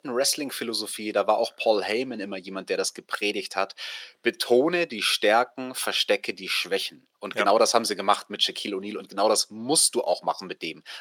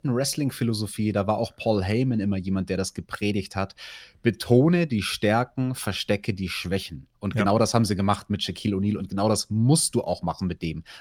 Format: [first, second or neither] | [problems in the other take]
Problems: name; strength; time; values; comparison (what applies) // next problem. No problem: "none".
second | thin; very; fading below 400 Hz